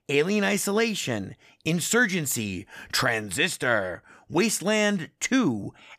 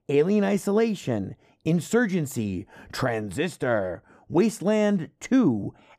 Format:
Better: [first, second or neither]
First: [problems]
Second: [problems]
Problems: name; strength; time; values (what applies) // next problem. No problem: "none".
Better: first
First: none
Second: muffled; slightly; fading above 1 kHz